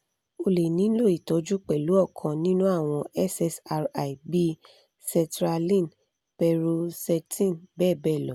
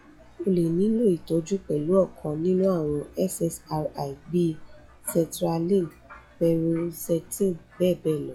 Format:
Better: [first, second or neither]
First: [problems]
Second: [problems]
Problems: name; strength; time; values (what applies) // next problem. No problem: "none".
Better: first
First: none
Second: noise reduction (classical method log-MMSE)